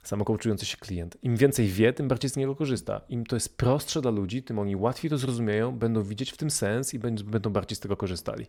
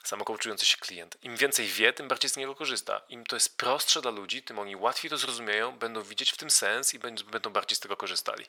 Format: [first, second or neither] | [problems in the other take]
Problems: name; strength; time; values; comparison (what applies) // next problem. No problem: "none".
first | thin; very; fading below 850 Hz